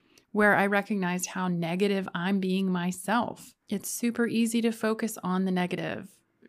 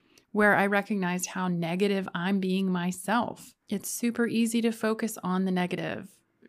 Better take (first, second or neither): neither